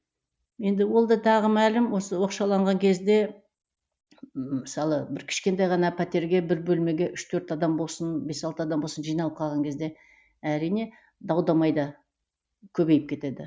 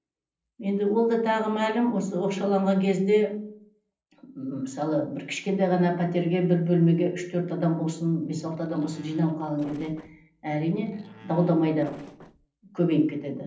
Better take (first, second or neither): first